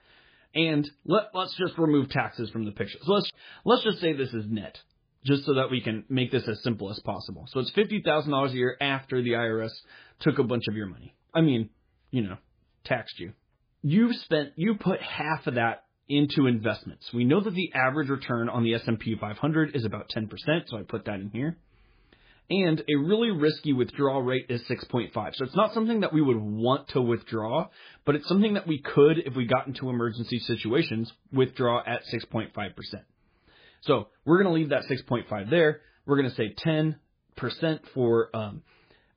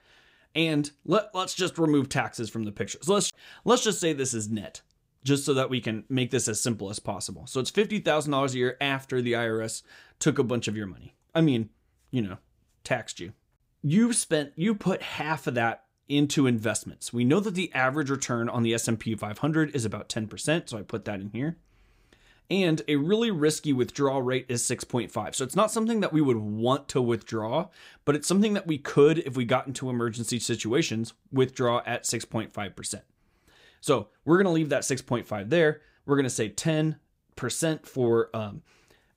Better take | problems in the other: second | garbled, watery; badly; nothing above 4 kHz

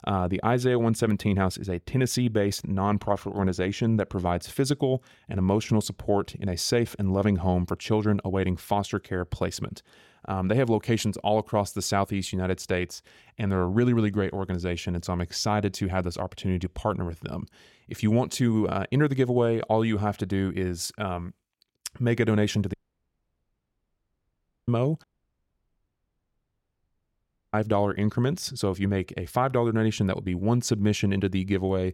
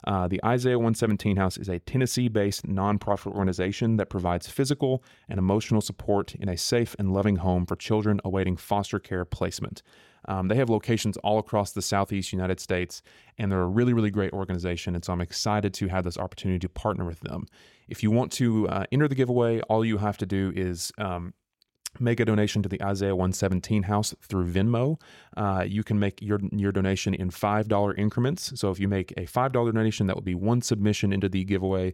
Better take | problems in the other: second | audio cutting out; at 23 s for 2 s and at 25 s for 2.5 s

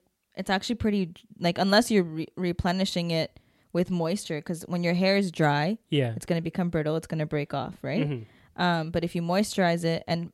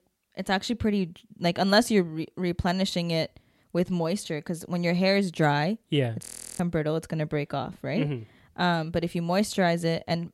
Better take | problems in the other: first | audio freezing; at 6 s

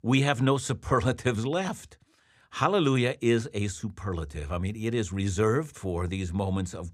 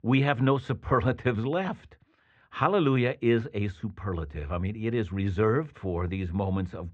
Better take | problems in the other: first | muffled; very; fading above 3 kHz

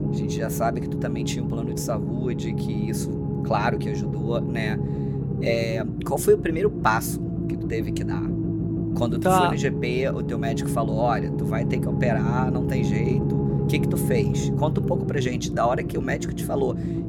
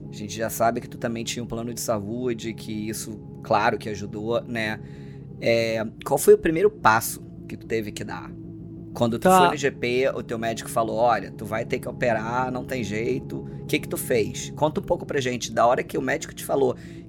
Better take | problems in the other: second | low rumble; loud; throughout; 6 dB below the speech; faint in the second

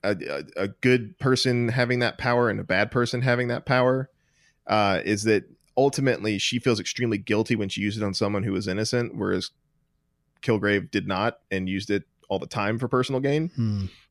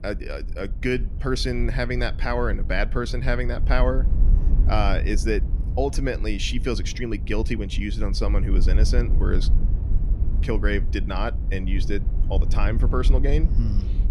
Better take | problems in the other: first | wind noise on the microphone; occasional gusts; 15 dB below the speech

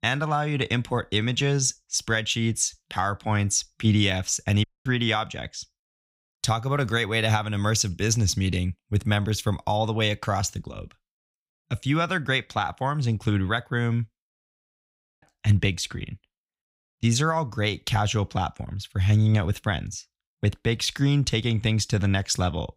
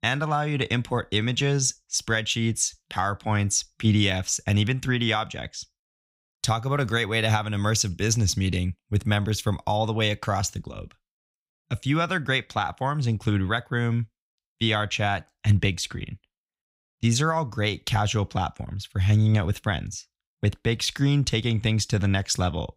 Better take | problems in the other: second | audio cutting out; at 4.5 s and at 14 s for 1 s

